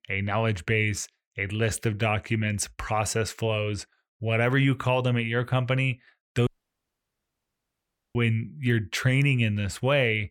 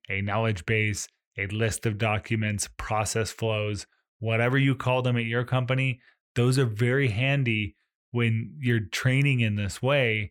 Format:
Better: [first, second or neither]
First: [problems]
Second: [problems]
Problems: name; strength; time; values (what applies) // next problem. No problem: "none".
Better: second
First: audio cutting out; at 6.5 s for 1.5 s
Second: none